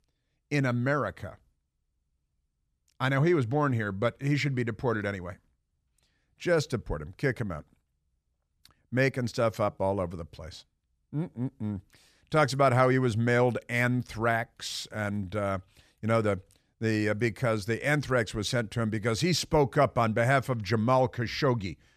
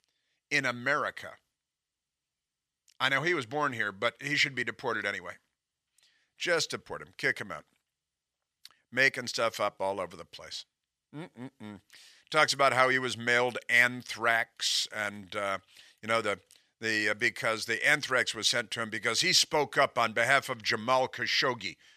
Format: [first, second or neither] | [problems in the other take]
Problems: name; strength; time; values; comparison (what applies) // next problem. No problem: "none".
first | thin; somewhat; fading below 1 kHz